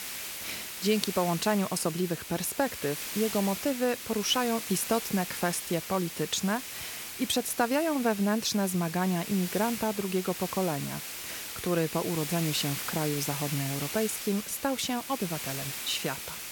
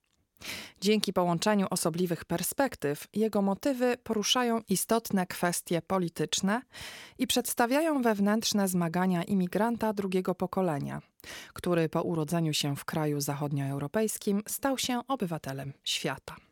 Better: second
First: hiss; loud; throughout; 6 dB below the speech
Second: none

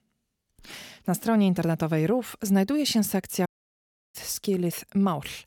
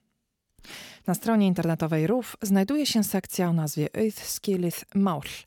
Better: second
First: audio cutting out; at 3.5 s for 0.5 s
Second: none

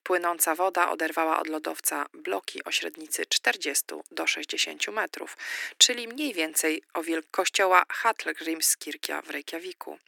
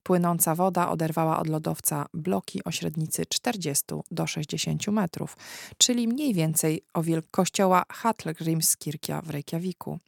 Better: second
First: thin; very; fading below 300 Hz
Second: none

